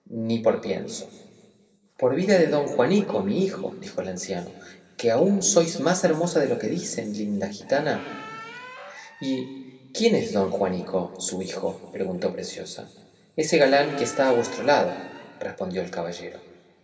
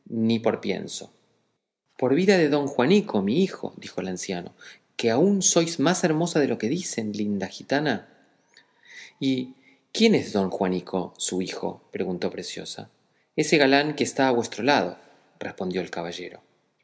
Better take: second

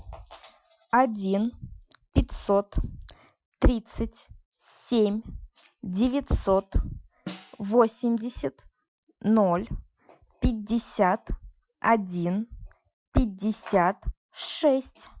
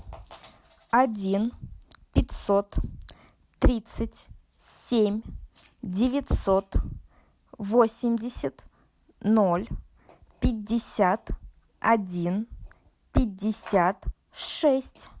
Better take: second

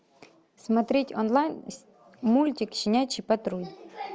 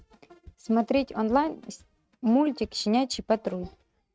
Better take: first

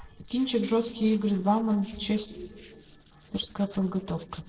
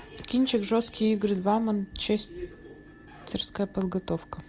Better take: second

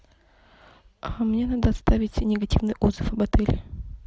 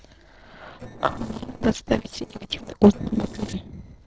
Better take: first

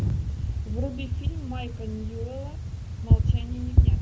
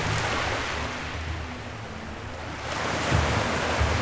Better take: first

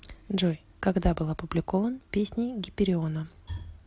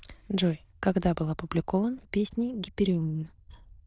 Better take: first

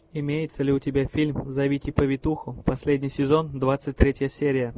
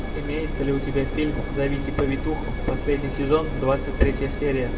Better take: first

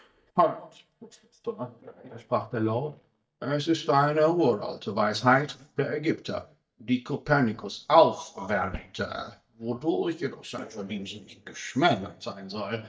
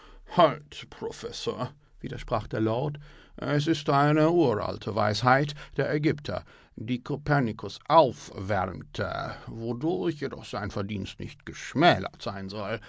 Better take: second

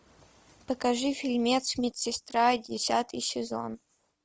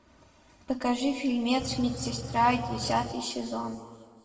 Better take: first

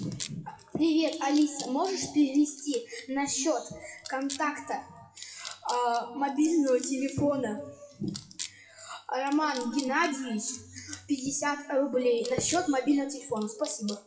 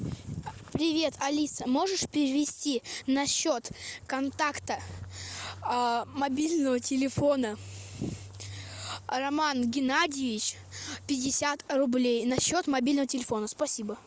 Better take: second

